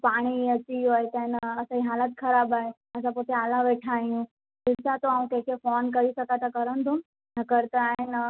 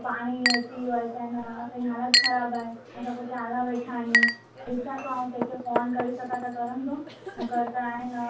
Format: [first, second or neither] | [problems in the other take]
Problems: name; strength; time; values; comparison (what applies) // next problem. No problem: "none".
first | background sound (Chink, clink); as loud as the speech // room echo; dies away in 0.2 s